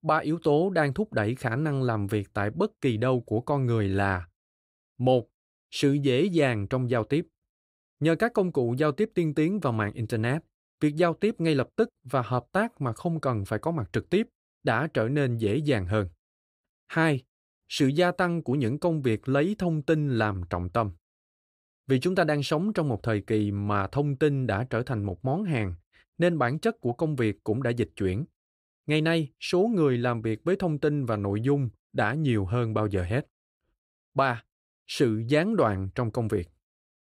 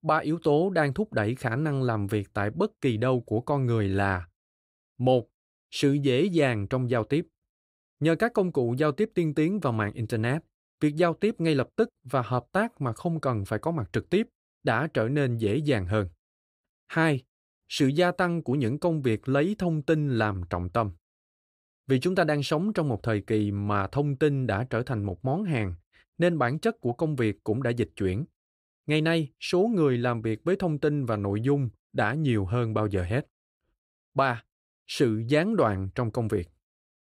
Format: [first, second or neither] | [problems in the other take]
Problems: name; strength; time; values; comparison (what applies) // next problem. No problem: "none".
neither | none